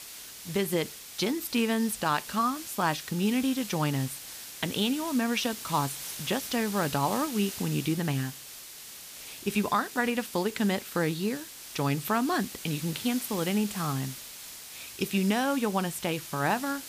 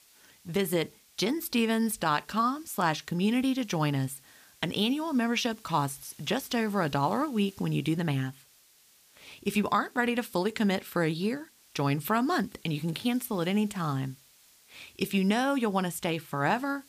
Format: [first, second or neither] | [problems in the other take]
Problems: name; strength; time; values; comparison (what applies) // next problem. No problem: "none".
second | hiss; loud; throughout; 10 dB below the speech; faint in the second